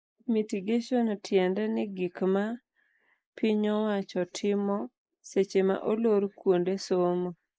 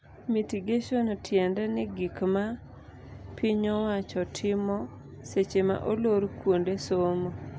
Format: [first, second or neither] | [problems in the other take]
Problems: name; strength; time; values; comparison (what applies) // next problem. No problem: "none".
second | noise reduction (neural mask model Resemble Enhance denoiser)